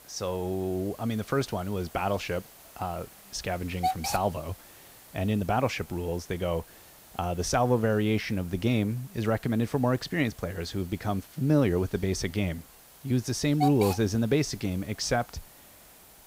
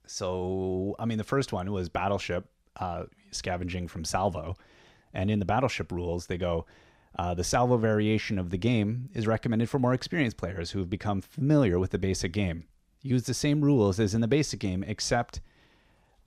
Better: second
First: hiss; noticeable; throughout; 15 dB below the speech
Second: none

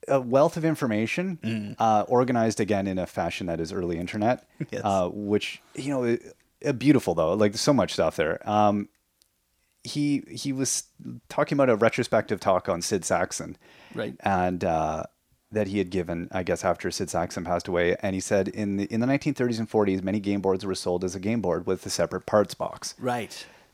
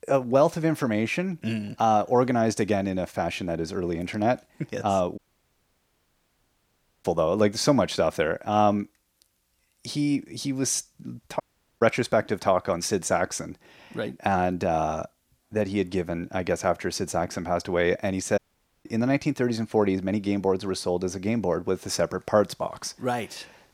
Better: first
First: none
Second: audio cutting out; at 5 s for 2 s, at 11 s and at 18 s

